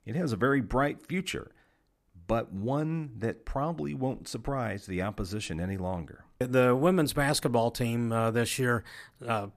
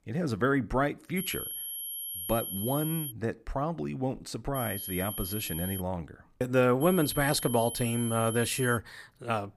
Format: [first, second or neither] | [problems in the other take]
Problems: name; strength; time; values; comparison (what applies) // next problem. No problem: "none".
first | high-pitched whine; loud; from 1 to 3 s, from 4.5 to 6 s and from 7 to 9 s; 11.5 kHz, 6 dB below the speech